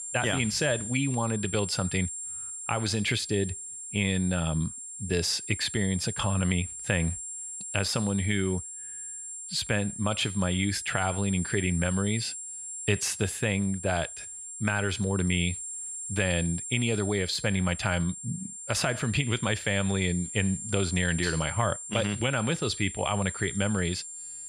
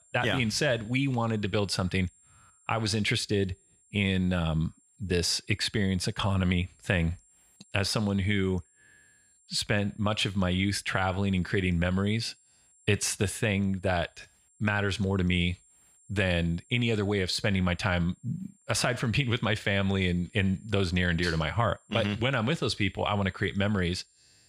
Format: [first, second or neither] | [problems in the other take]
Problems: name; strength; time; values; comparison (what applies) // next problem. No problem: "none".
second | high-pitched whine; loud; throughout; 7.5 kHz, 7 dB below the speech; faint in the second